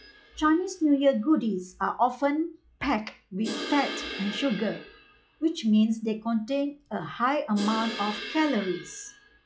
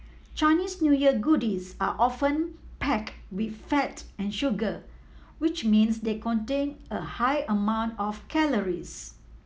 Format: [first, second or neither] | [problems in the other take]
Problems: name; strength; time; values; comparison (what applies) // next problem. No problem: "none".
second | noise reduction (classical method log-MMSE)